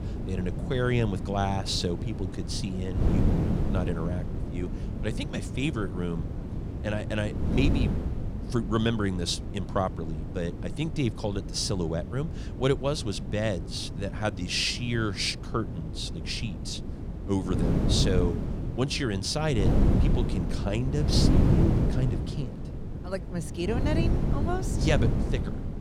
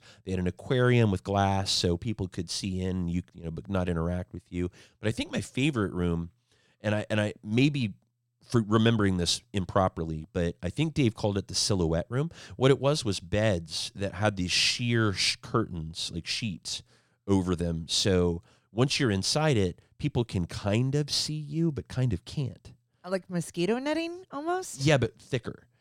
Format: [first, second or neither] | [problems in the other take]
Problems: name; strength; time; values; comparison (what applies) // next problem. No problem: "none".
second | wind noise on the microphone; heavy; 6 dB below the speech